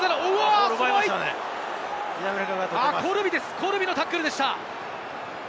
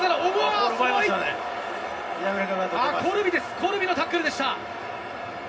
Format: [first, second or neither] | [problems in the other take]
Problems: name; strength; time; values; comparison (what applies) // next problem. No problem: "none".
first | room echo; dies away in 0.4 s